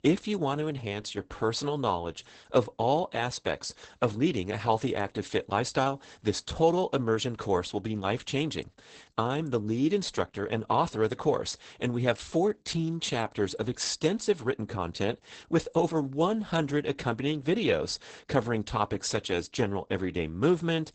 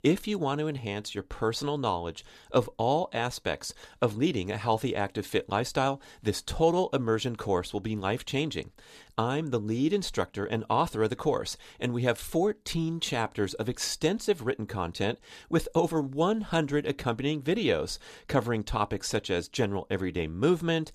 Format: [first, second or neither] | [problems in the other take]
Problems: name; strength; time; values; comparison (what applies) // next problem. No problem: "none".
second | garbled, watery; badly; nothing above 8 kHz